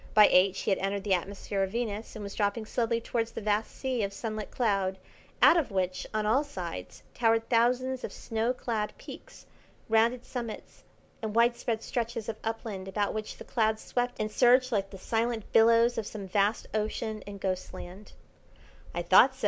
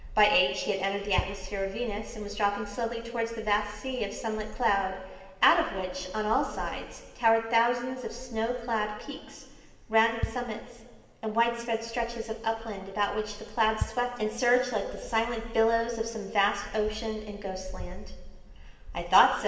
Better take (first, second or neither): first